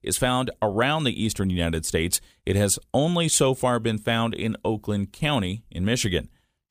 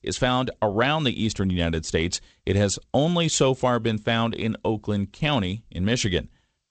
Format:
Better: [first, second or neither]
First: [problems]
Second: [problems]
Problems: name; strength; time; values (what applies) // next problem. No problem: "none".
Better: first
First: none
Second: garbled, watery; slightly; nothing above 8 kHz